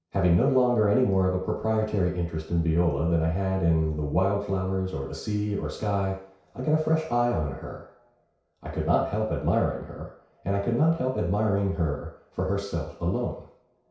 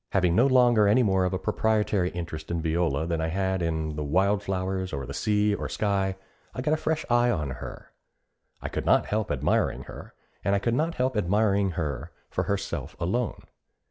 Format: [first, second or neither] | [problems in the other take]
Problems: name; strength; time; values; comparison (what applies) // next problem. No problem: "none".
second | room echo; dies away in 0.6 s